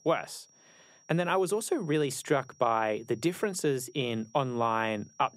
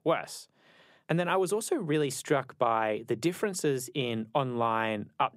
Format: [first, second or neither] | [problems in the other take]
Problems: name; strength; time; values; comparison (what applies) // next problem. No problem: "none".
second | high-pitched whine; faint; throughout; 5.5 kHz, 30 dB below the speech